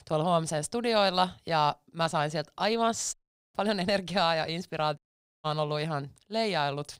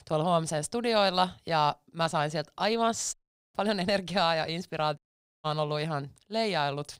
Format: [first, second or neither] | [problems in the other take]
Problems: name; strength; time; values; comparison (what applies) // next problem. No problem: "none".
neither | audio cutting out; at 3 s and at 5 s; the same in both